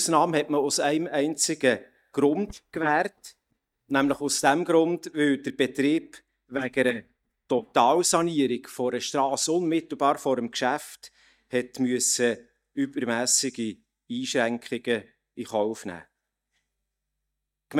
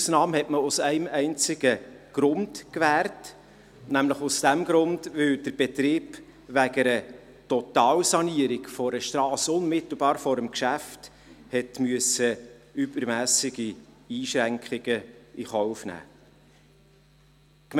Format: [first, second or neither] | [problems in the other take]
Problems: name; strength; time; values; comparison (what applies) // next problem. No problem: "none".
second | noise reduction (neural mask model DeepFilterNet 3)